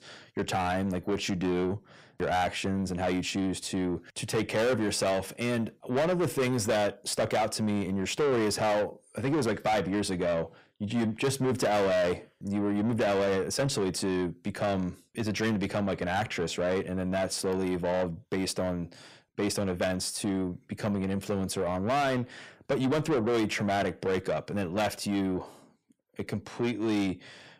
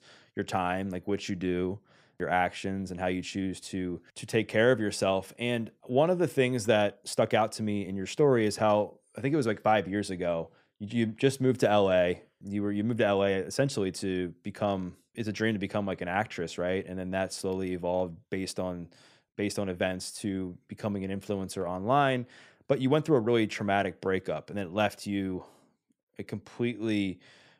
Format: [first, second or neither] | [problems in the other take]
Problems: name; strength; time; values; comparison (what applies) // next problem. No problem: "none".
second | distortion; heavy; 6 dB below the speech